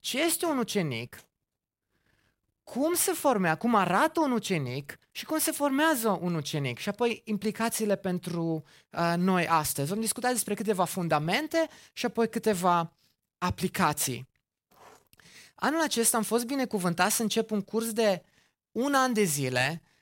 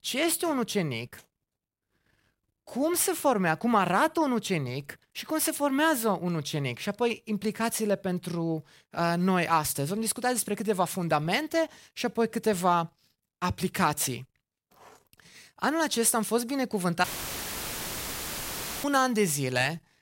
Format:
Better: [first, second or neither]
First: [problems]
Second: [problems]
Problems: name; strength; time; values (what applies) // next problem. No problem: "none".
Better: first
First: none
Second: audio cutting out; filled with static; at 17 s for 2 s